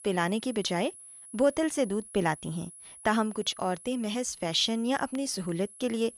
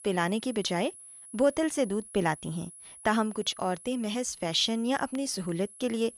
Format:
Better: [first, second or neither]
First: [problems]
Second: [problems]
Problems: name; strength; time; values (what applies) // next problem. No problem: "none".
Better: neither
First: high-pitched whine; noticeable; throughout; 10.5 kHz, 15 dB below the speech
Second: high-pitched whine; noticeable; throughout; 10.5 kHz, 15 dB below the speech